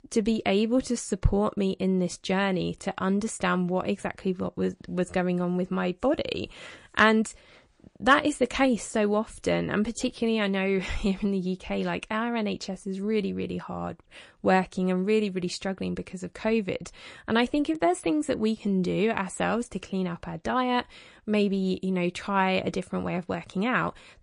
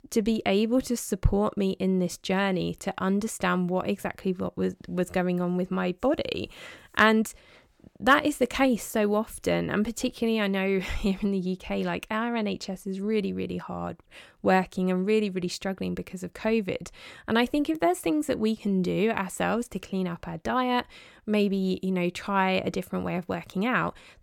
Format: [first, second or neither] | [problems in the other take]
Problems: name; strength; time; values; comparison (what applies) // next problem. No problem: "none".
second | garbled, watery; slightly; nothing above 10.5 kHz